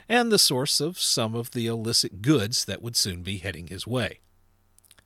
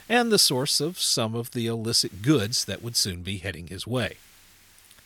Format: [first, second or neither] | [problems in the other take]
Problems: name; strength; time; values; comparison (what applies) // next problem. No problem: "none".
first | hiss; faint; until 1 s, from 2 to 3 s and from 4 s on; 30 dB below the speech